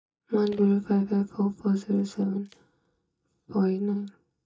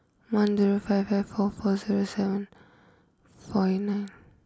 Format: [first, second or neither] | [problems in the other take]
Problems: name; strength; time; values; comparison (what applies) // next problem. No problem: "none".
second | noise reduction (neural mask model DeepFilterNet 3)